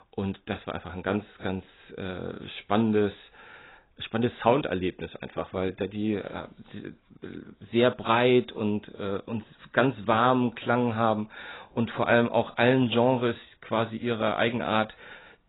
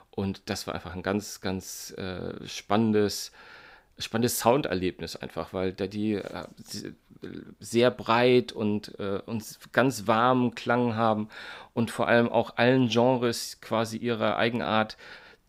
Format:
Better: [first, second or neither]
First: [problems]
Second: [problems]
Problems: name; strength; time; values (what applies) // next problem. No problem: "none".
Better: second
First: garbled, watery; badly; nothing above 4 kHz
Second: none